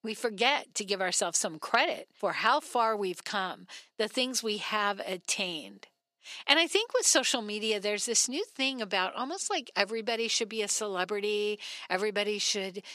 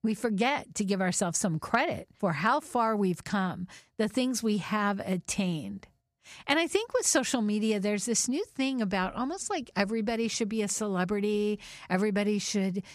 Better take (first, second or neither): second